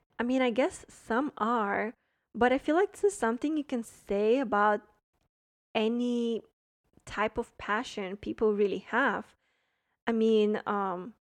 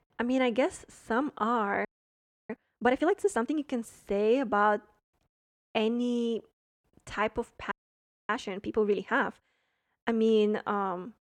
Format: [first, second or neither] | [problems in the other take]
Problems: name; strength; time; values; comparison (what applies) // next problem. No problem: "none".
first | audio freezing; at 2 s for 0.5 s and at 7.5 s for 0.5 s